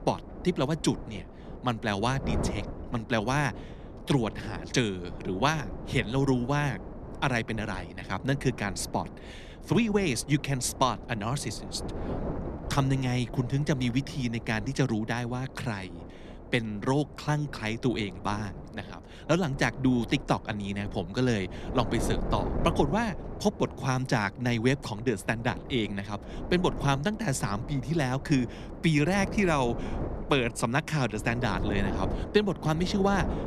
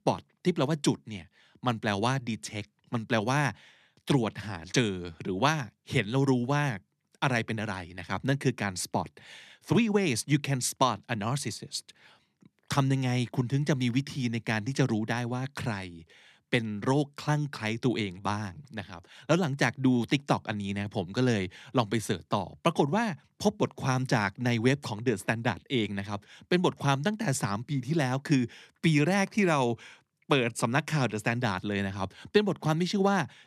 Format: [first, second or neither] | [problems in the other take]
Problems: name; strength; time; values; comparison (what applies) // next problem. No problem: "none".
second | wind noise on the microphone; occasional gusts; 15 dB below the speech